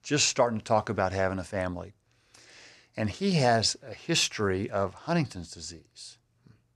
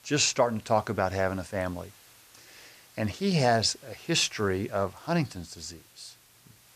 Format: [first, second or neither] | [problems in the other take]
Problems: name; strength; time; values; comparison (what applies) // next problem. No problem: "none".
first | hiss; faint; throughout; 25 dB below the speech